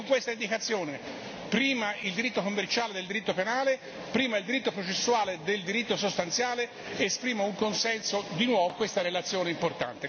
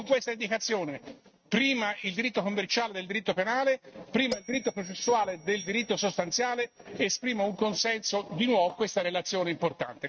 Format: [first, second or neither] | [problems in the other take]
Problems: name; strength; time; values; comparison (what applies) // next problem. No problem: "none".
first | noise reduction (neural mask model RNNoise)